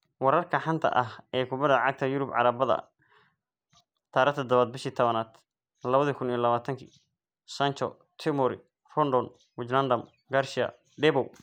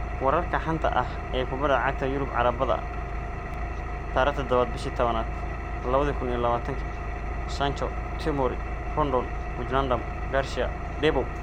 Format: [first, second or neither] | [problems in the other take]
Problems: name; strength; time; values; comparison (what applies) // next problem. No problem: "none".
first | background sound (Engine); 3 dB below the speech